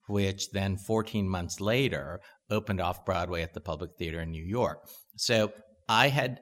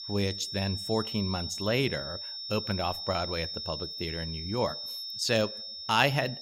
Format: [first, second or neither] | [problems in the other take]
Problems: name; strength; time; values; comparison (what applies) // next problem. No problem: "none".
first | high-pitched whine; loud; throughout; 5.5 kHz, 5 dB below the speech